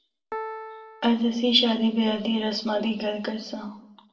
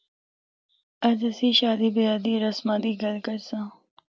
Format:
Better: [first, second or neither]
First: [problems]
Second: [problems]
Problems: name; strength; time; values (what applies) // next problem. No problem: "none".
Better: second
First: background sound (Piano); 14 dB below the speech // room echo; dies away in 0.5 s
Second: none